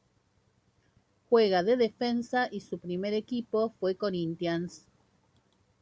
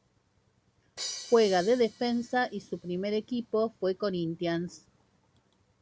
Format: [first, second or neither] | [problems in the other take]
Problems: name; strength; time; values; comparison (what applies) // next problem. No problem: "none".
first | background sound (Crash cymbal); 15 dB below the speech